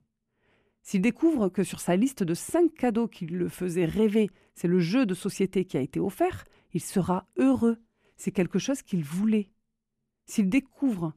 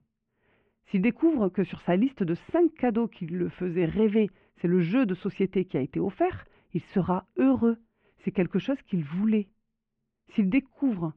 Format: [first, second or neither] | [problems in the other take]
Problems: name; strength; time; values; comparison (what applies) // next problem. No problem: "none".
first | muffled; very; fading above 3 kHz